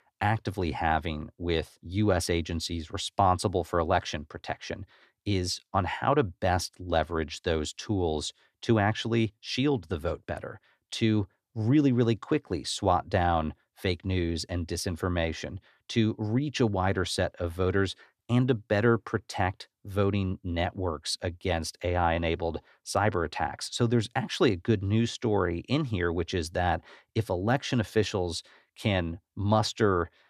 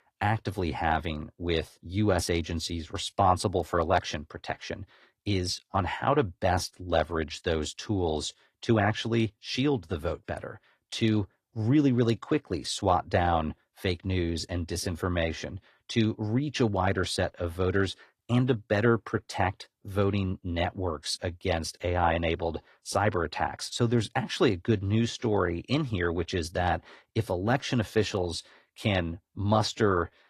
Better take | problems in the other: first | garbled, watery; slightly; nothing above 14.5 kHz

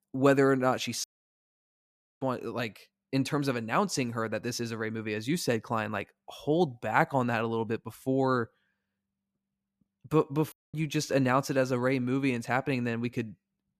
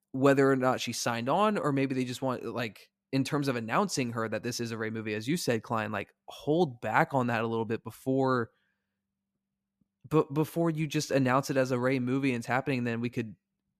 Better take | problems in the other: second | audio cutting out; at 1 s for 1 s and at 11 s

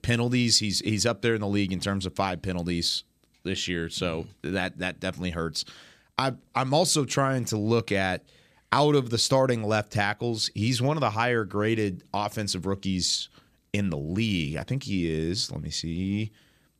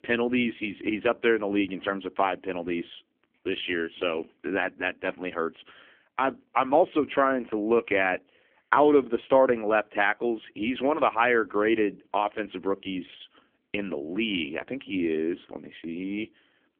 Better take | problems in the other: first | phone-call audio; poor line; nothing above 3.5 kHz

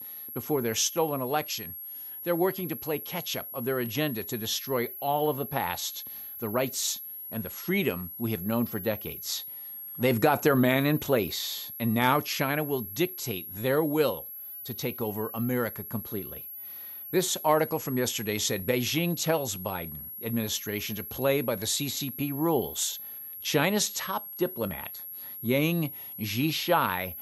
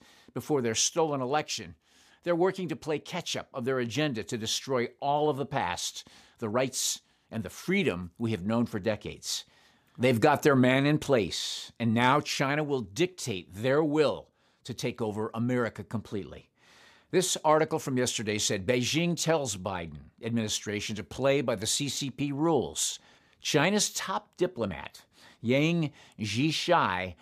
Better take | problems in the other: second | high-pitched whine; loud; throughout; 11.5 kHz, 9 dB below the speech

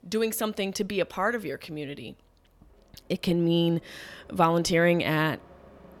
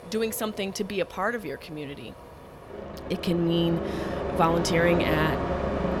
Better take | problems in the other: first | train or aircraft noise; loud; throughout; 3 dB below the speech; faint in the first

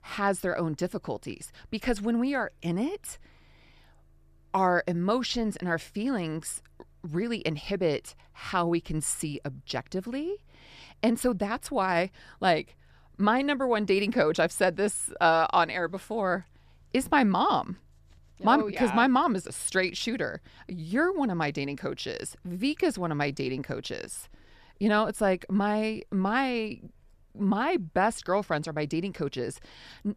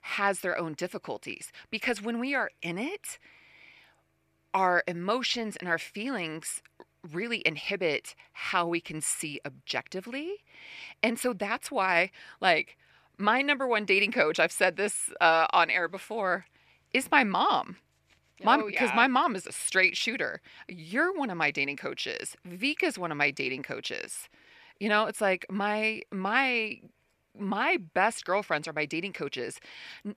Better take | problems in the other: first | thin; very slightly; fading below 400 Hz

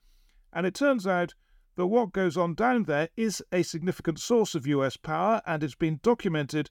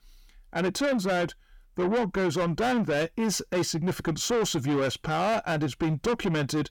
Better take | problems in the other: first | distortion; heavy; 6 dB below the speech

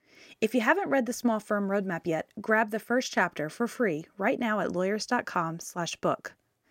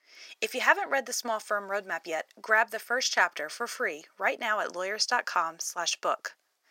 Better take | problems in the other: first | thin; very; fading below 750 Hz

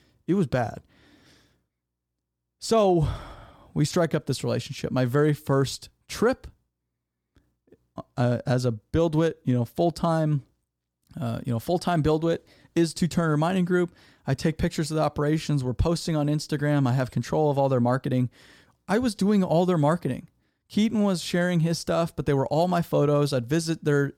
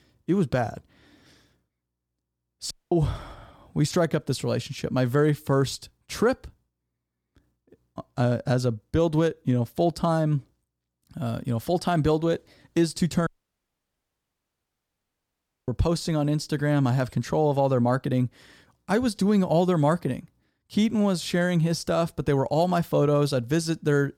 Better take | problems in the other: first | audio cutting out; at 2.5 s and at 13 s for 2.5 s

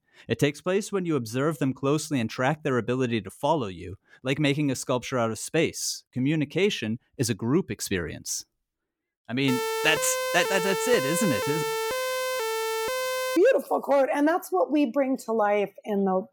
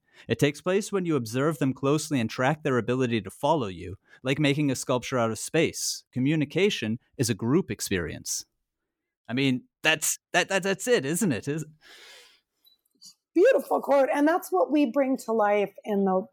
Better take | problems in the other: second | siren; noticeable; from 9.5 to 13 s; peak 2 dB below the speech

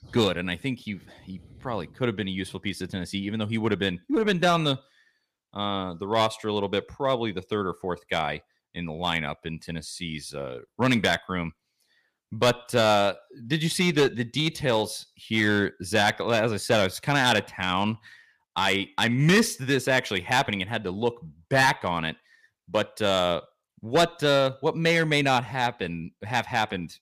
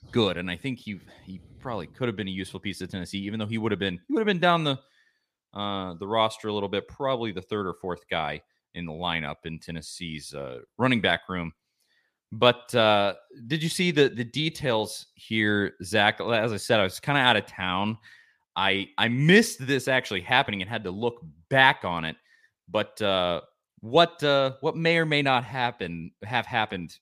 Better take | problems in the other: second | distortion; slight; 3% of the sound clipped

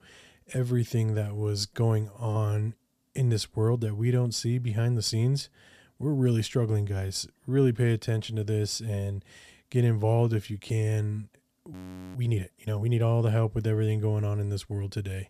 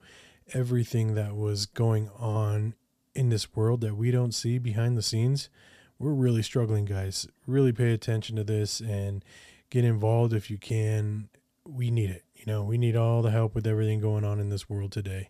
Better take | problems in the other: second | audio freezing; at 12 s

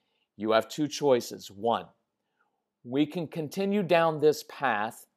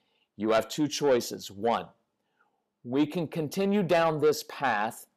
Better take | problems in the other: first | distortion; slight; 10 dB below the speech

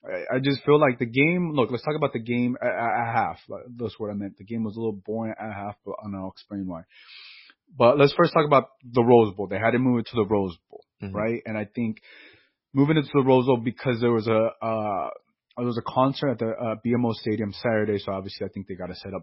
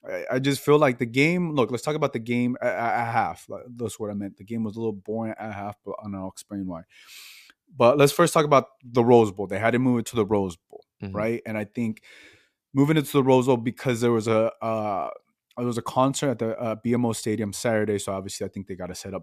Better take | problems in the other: second | garbled, watery; badly; nothing above 5.5 kHz

